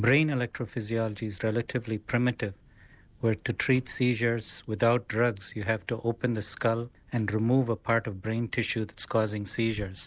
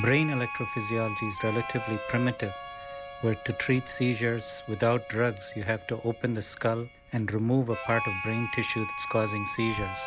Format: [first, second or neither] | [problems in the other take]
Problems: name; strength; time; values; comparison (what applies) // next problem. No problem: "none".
first | background sound (Harmonica); 8 dB below the speech